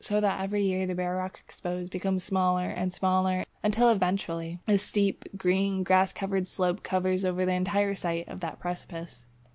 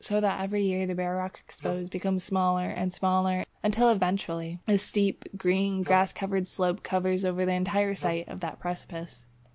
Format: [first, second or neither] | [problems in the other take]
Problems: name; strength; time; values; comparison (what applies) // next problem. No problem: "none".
first | background sound (Wind instrument, woodwind instrument); 12 dB below the speech